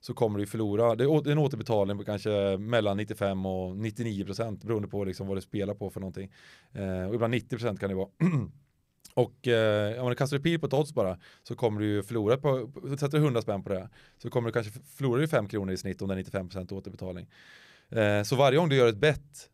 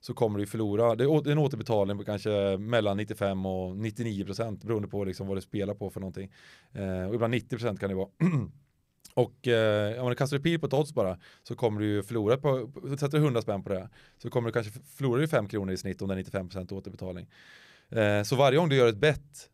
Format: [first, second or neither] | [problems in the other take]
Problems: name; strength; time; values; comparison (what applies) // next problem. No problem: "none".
neither | none